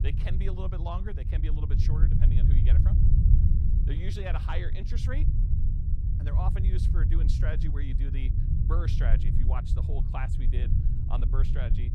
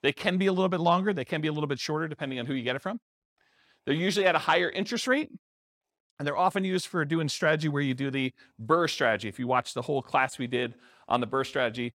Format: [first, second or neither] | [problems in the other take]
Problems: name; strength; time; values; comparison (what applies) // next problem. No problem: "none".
second | low rumble; loud; throughout; 2 dB below the speech